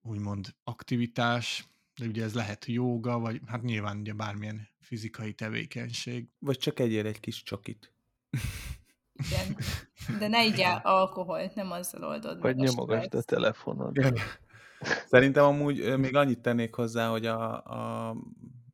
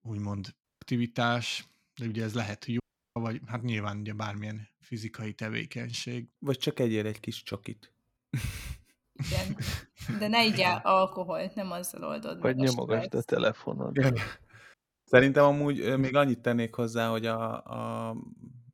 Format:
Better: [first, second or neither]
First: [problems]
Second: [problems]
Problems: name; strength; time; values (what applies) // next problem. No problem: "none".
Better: first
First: none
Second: audio cutting out; at 0.5 s, at 3 s and at 15 s